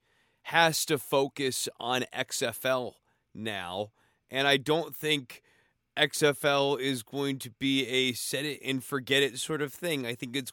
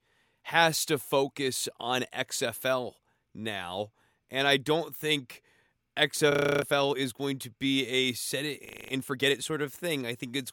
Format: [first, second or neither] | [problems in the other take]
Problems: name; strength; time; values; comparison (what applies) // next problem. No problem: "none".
first | audio freezing; at 6.5 s and at 8.5 s